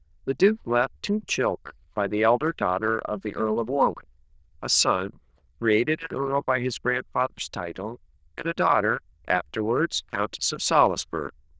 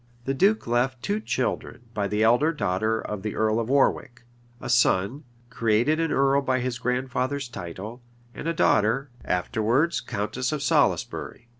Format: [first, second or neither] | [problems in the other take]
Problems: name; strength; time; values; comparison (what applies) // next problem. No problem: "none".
second | noise reduction (neural diffusion model UNIVERSE++)